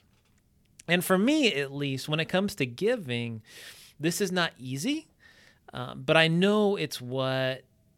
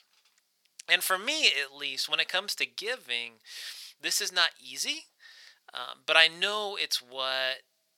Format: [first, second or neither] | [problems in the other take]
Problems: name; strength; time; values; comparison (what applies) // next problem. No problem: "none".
first | thin; very; fading below 950 Hz